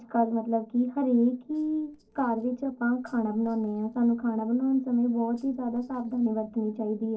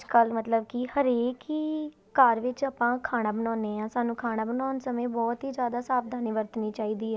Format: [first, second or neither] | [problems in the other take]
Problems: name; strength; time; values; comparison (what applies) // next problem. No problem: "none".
second | noise reduction (neural separator model SepFormer DNS4)